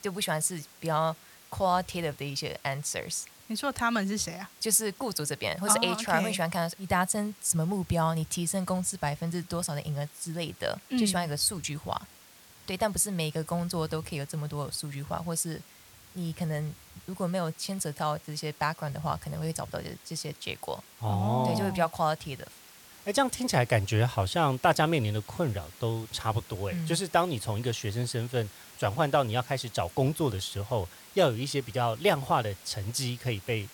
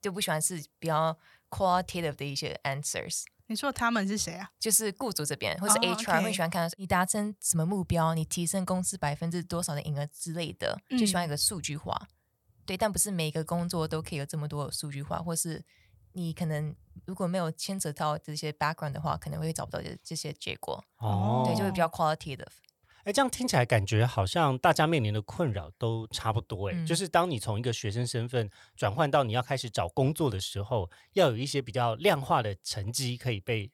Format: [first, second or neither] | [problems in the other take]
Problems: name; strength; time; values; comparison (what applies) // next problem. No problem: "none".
second | hiss; faint; throughout; 20 dB below the speech